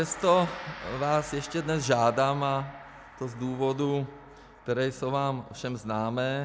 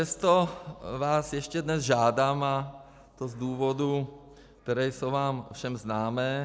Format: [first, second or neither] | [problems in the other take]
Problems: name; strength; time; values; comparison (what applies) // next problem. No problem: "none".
second | background sound (Gong); 17 dB below the speech